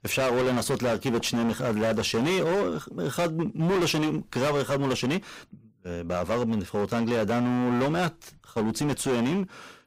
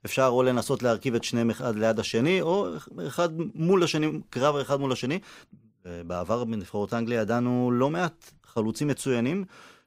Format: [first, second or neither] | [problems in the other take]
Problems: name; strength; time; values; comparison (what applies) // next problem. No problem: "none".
second | distortion; heavy; 23% of the sound clipped